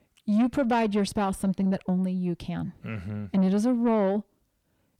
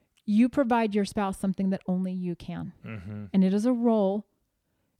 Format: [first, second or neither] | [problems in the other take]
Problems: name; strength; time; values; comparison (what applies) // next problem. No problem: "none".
second | distortion; slight; 10 dB below the speech